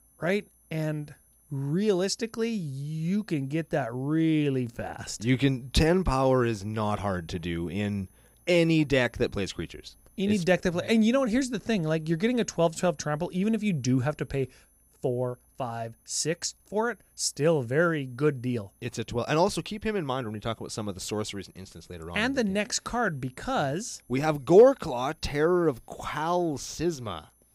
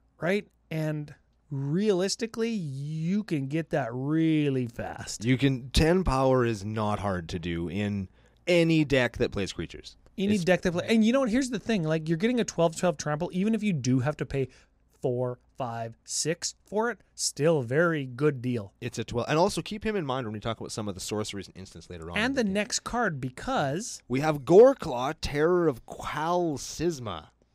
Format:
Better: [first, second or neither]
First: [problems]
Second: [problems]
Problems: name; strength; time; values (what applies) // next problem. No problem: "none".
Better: second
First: high-pitched whine; faint; throughout; 10 kHz, 35 dB below the speech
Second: none